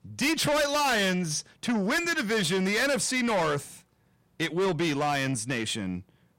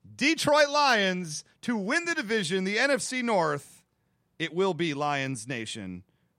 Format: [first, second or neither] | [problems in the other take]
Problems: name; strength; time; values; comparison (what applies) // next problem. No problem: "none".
second | distortion; heavy; 6 dB below the speech